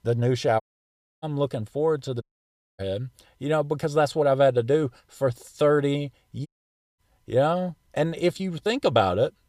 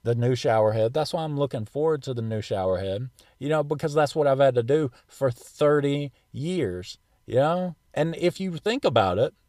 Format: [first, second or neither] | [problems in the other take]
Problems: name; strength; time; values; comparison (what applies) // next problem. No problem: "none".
second | audio cutting out; at 0.5 s for 0.5 s, at 2 s for 0.5 s and at 6.5 s for 0.5 s